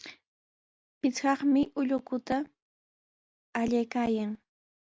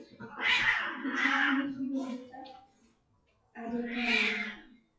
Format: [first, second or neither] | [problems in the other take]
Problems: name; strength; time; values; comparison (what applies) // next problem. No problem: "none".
first | noise reduction (classical method WPE with log-MMSE)